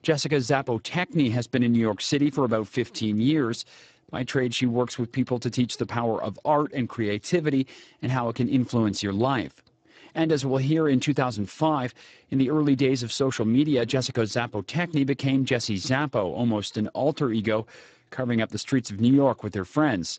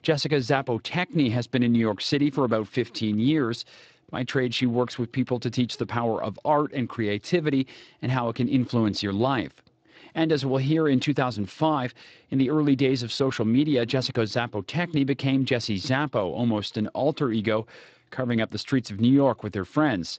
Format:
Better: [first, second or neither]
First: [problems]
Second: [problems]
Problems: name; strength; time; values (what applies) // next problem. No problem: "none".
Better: second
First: garbled, watery; badly; nothing above 8 kHz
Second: garbled, watery; slightly; nothing above 8 kHz